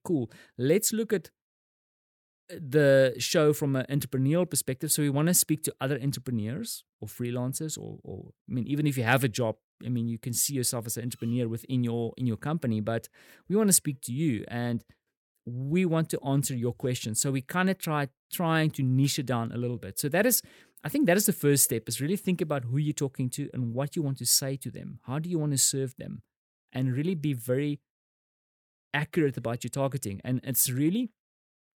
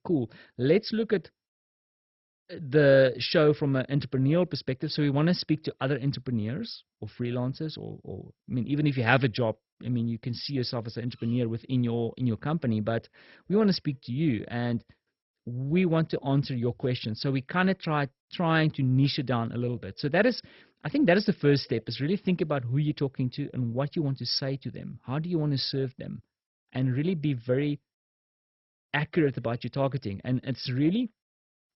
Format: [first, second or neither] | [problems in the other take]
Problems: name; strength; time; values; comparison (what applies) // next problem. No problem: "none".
first | garbled, watery; badly; nothing above 5.5 kHz